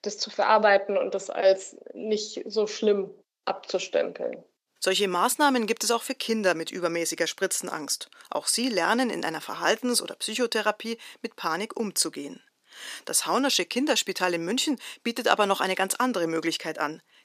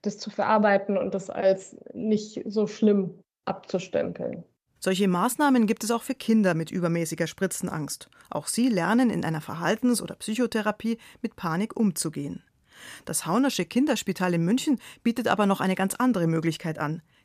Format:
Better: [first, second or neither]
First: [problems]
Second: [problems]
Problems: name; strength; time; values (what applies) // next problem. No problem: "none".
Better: second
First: thin; somewhat; fading below 350 Hz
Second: none